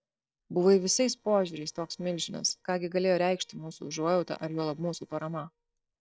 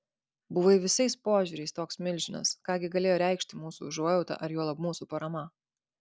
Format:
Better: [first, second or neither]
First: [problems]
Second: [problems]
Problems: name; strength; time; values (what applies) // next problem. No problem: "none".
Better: second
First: noise reduction (neural separator model SepFormer DNS4)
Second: none